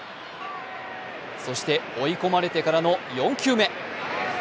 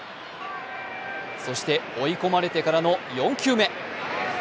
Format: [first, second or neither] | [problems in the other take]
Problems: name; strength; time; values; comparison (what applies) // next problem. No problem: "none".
first | background sound (Organ); 13 dB below the speech